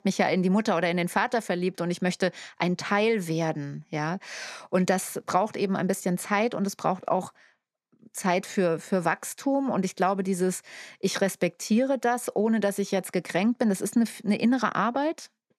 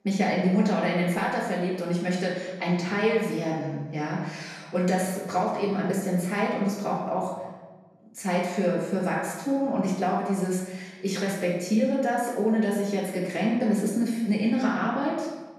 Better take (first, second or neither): first